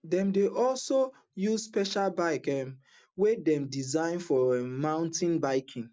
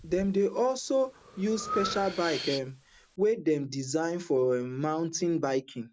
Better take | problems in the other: first | background sound (Breathing); 13 dB below the speech

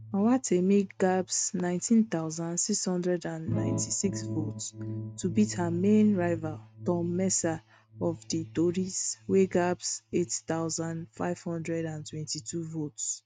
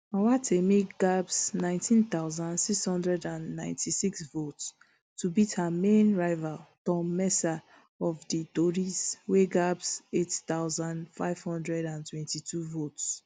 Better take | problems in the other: second | noise reduction (neural mask model RNNoise)

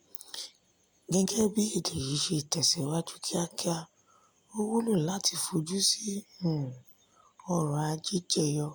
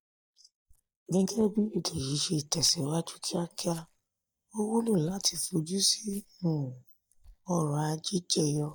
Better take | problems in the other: first | noise reduction (neural mask model DeepFilterNet 3)

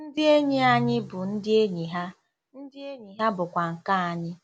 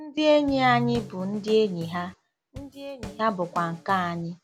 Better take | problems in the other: first | background sound (Drum kit); 17 dB below the speech

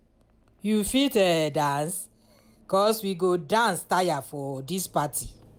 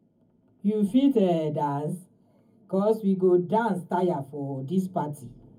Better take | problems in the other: first | room echo; dies away in 0.3 s

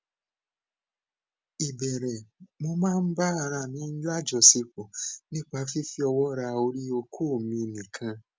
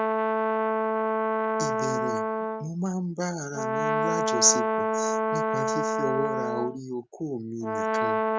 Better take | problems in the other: first | background sound (Brass instrument); 5 dB above the speech

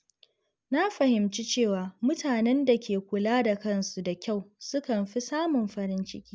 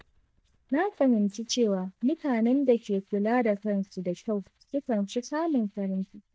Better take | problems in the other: first | noise reduction (neural mask model DeepFilterNet 3)

